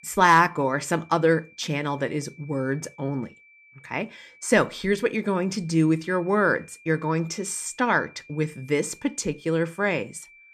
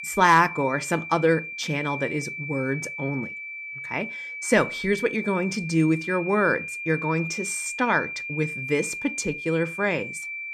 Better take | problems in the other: first | high-pitched whine; loud; throughout; 2.5 kHz, 7 dB below the speech; faint in the first

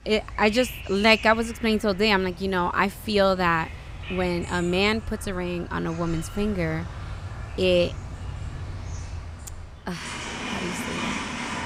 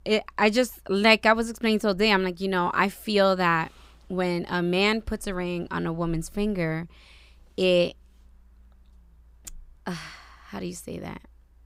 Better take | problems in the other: second | animal sounds; noticeable; throughout; 10 dB below the speech

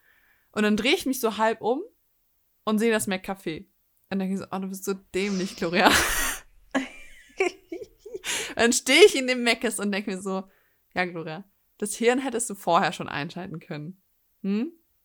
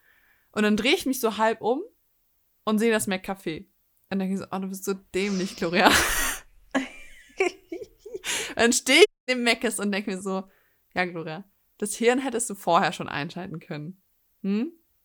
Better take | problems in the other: first | audio cutting out; at 9 s

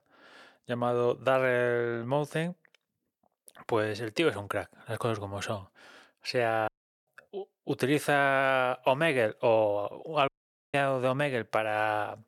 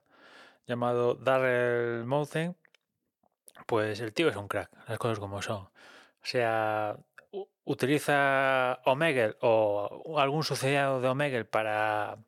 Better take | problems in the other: second | audio cutting out; at 6.5 s and at 10 s

